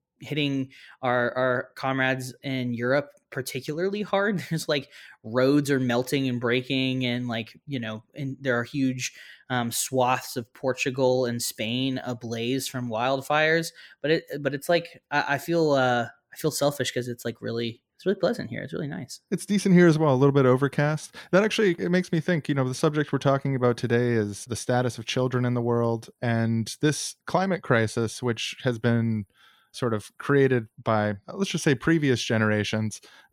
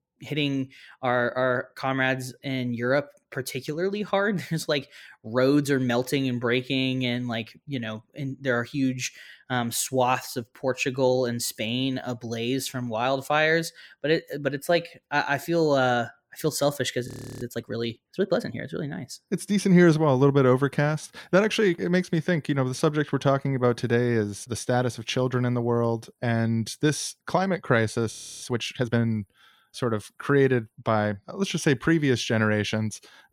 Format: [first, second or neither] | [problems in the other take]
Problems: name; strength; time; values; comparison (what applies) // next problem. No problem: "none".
first | audio freezing; at 17 s and at 28 s